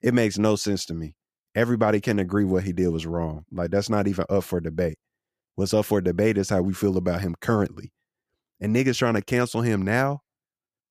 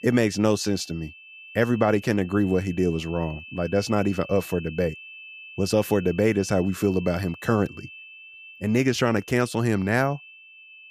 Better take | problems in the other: first | high-pitched whine; noticeable; throughout; 2.5 kHz, 20 dB below the speech

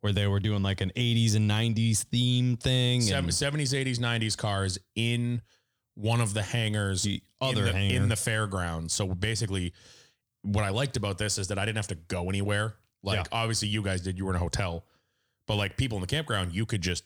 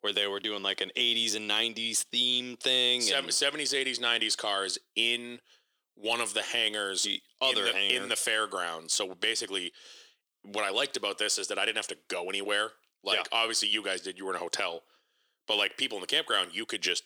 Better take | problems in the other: first | thin; very; fading below 350 Hz

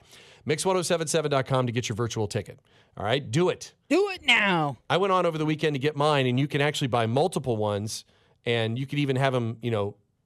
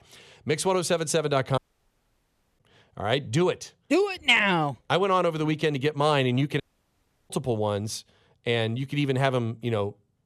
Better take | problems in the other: first | audio cutting out; at 1.5 s for 1 s and at 6.5 s for 0.5 s

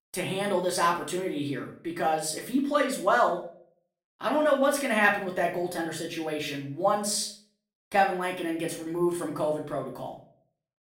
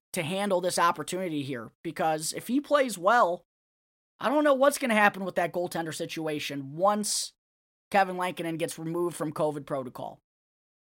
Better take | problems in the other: second | room echo; slight; dies away in 0.4 s // off-mic speech; far

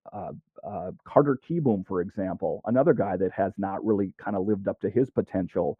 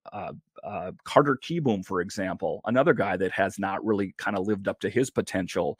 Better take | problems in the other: second | muffled; very; fading above 2 kHz

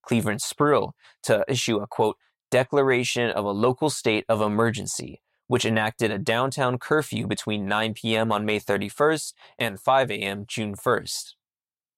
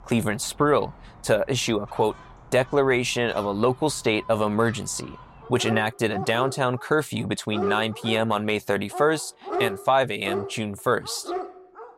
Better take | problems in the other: first | animal sounds; noticeable; throughout; 10 dB below the speech

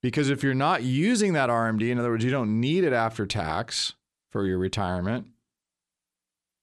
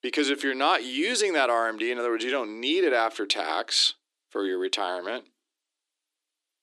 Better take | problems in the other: first | thin; somewhat; fading below 300 Hz

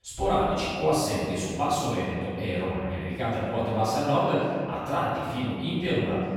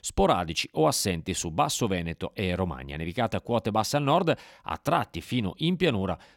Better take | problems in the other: second | off-mic speech; far // room echo; strong; dies away in 1.7 s

